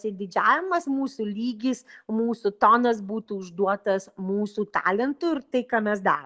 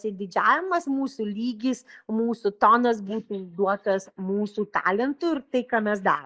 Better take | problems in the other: first | noise reduction (neural mask model Resemble Enhance denoiser)

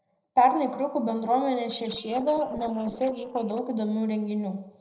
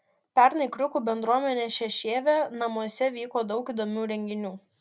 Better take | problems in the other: second | noise reduction (neural separator model SepFormer DNS4)

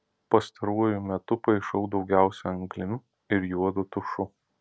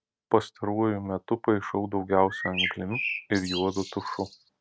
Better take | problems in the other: first | noise reduction (neural mask model RNNoise)

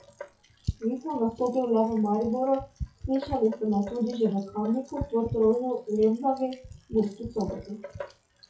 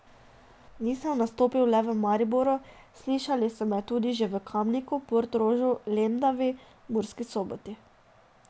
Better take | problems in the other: second | noise reduction (classical method WPE with log-MMSE)

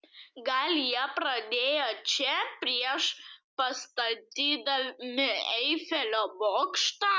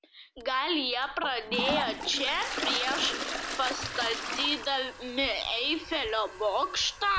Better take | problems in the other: first | background sound (Toilet flush); 7 dB below the speech

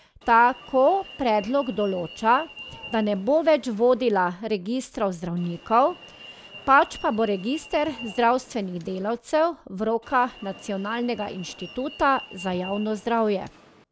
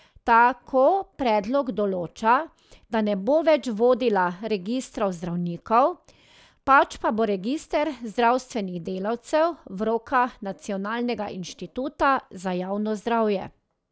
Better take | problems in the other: second | background sound (Alarm); 20 dB below the speech

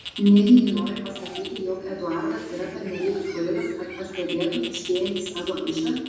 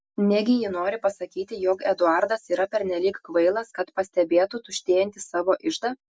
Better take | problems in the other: second | background sound (Bird); 15 dB below the speech // room echo; dies away in 1.1 s

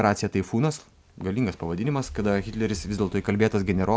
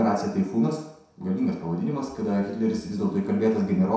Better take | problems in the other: first | room echo; dies away in 0.7 s

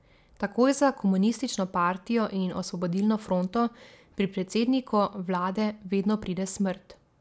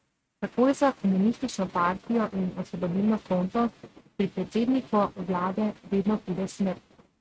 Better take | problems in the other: first | noise reduction (neural mask model RNNoise)

